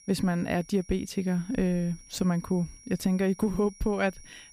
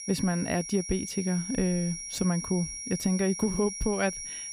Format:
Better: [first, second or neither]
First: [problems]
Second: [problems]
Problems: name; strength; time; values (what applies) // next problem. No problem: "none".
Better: first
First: high-pitched whine; faint; throughout; 5.5 kHz, 20 dB below the speech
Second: high-pitched whine; loud; throughout; 5.5 kHz, 6 dB below the speech